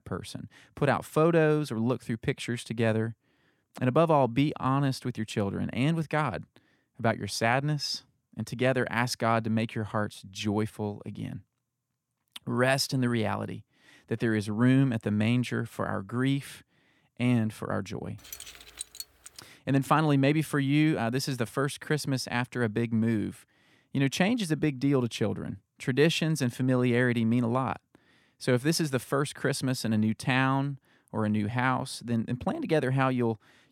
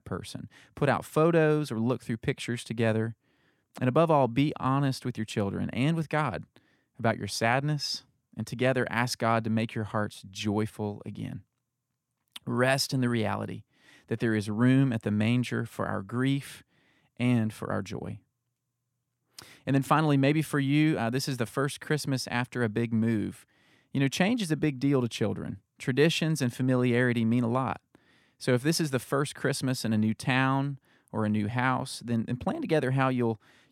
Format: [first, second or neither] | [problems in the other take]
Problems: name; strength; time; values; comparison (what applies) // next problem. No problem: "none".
second | jangling keys; faint; from 18 to 19 s; peak 10 dB below the speech